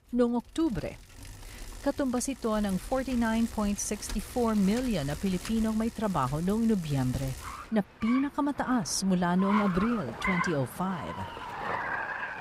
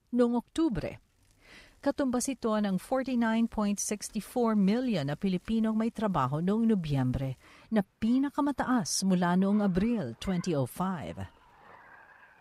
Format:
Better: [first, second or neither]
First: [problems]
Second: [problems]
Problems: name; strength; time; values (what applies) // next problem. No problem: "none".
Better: second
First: traffic noise; loud; throughout; 9 dB below the speech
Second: traffic noise; faint; throughout; 30 dB below the speech